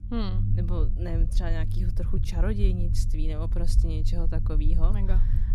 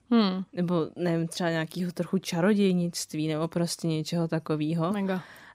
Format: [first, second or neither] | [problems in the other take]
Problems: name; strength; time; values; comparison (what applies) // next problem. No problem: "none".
second | low rumble; loud; throughout; 6 dB below the speech